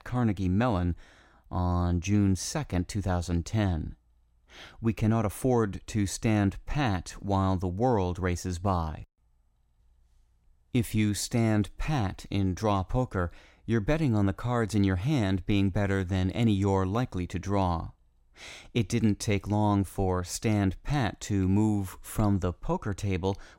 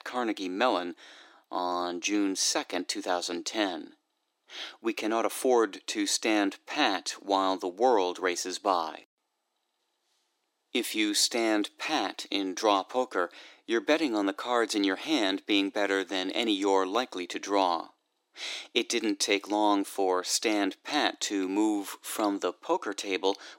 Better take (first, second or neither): first